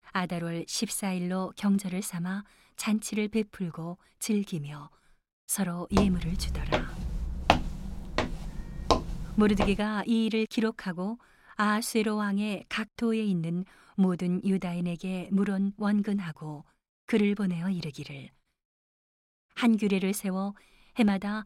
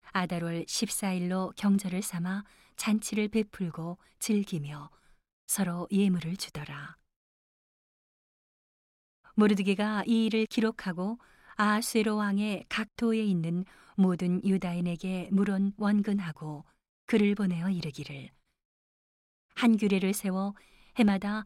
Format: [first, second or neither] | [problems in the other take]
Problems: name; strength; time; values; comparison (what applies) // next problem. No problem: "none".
second | footsteps; loud; from 6 to 10 s; peak 3 dB above the speech